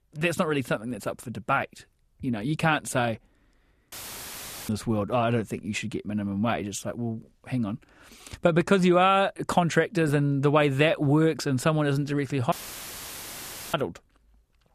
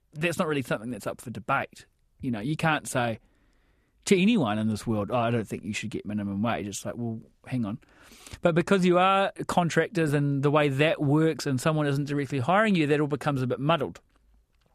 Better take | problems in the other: second | audio cutting out; filled with static; at 4 s for 1 s and at 13 s for 1 s

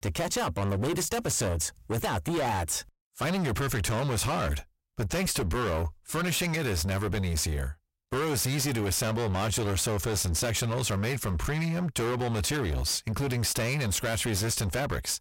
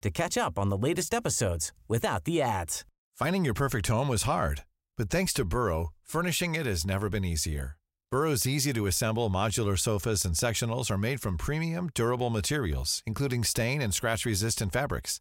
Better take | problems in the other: second | distortion; heavy; 34% of the sound clipped

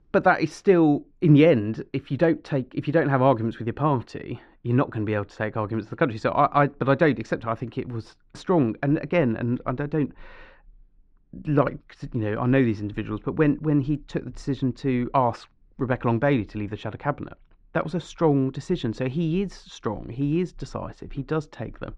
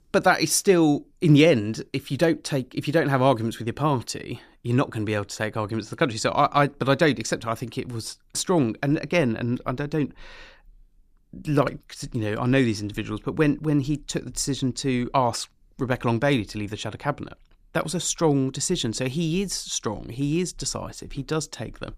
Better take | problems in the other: second | muffled; very; fading above 2 kHz

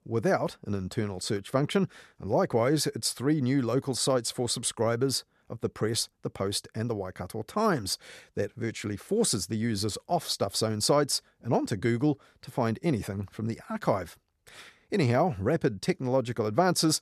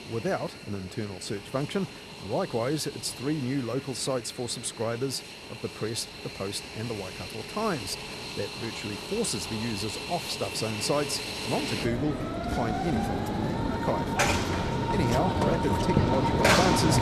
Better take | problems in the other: first | train or aircraft noise; very loud; throughout; 2 dB above the speech

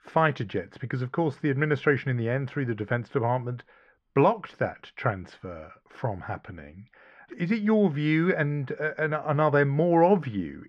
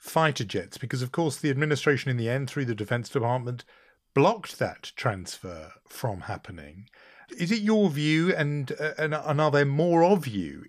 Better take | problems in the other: second | muffled; very; fading above 2 kHz

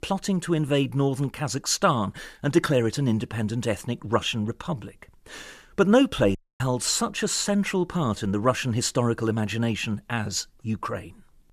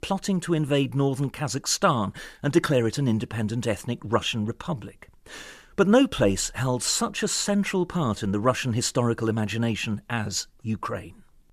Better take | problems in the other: second | audio cutting out; at 6.5 s

